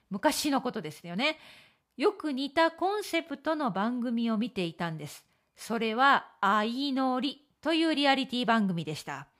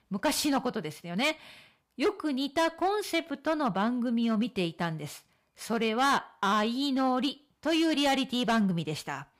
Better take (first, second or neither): first